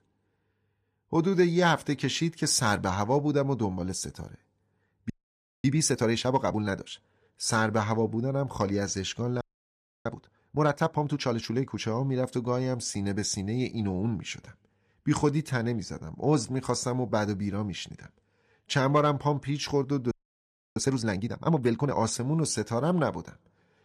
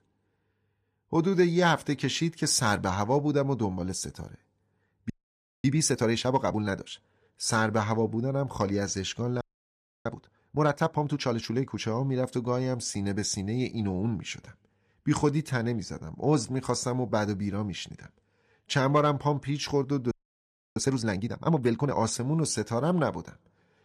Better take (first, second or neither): neither